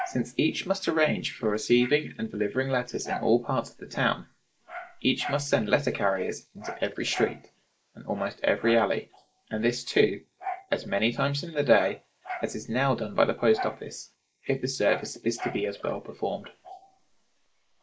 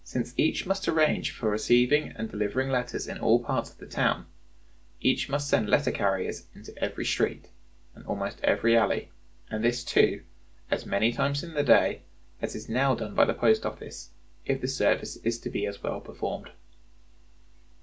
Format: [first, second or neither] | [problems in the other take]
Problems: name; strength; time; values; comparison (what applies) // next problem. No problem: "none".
second | noise reduction (neural mask model Resemble Enhance denoiser)